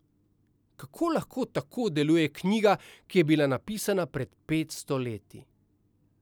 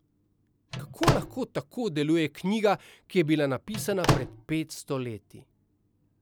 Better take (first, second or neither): first